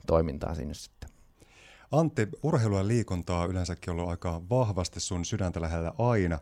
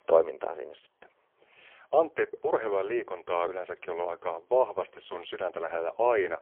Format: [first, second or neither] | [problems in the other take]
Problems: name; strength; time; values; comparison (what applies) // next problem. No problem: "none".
first | phone-call audio; poor line; nothing above 3.5 kHz